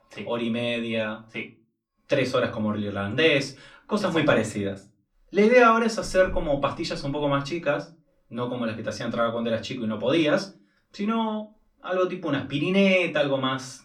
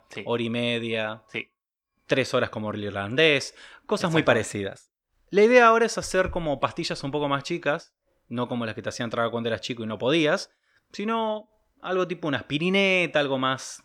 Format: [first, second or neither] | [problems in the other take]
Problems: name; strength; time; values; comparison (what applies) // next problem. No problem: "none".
second | off-mic speech; far // room echo; very slight; dies away in 0.3 s